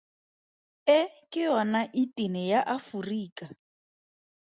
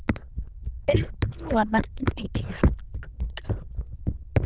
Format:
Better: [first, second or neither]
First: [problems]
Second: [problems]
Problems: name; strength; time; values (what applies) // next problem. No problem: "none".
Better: first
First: none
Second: noise reduction (neural diffusion model UNIVERSE++)